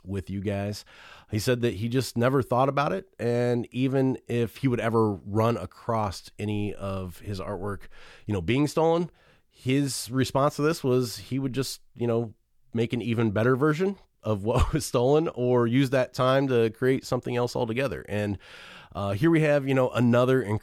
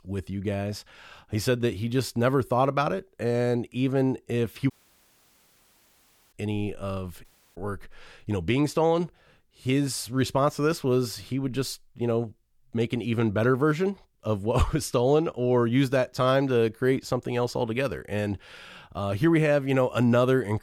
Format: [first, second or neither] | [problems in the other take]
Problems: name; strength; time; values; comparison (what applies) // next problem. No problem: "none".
first | audio cutting out; at 4.5 s for 1.5 s and at 7 s